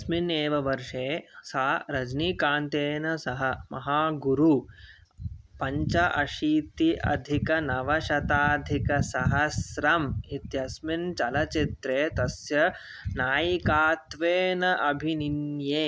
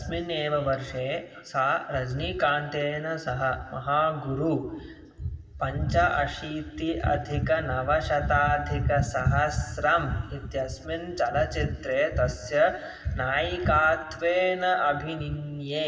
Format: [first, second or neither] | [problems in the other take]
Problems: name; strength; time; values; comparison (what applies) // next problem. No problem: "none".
first | room echo; dies away in 1.8 s